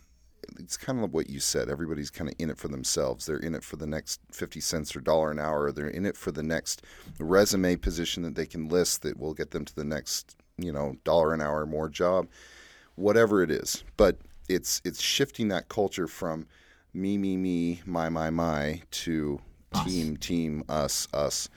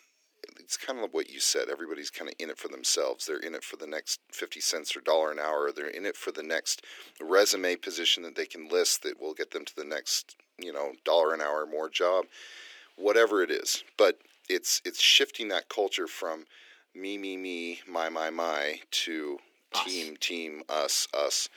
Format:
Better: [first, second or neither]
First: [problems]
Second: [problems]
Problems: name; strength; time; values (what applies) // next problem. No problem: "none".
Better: first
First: none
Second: thin; somewhat; fading below 300 Hz